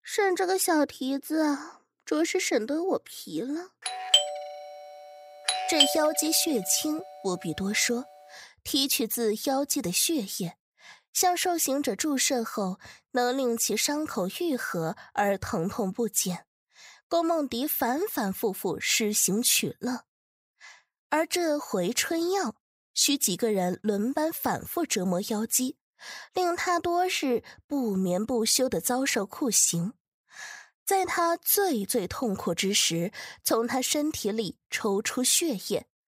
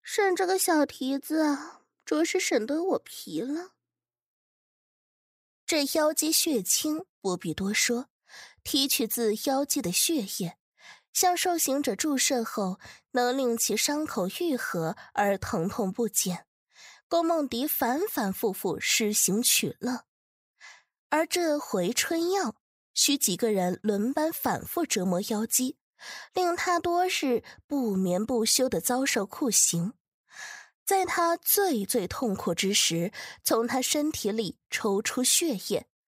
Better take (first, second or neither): second